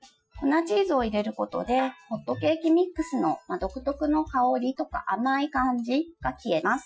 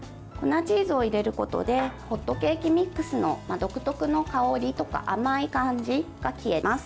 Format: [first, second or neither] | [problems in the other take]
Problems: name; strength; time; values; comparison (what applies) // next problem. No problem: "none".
second | noise reduction (classical method Wiener filter)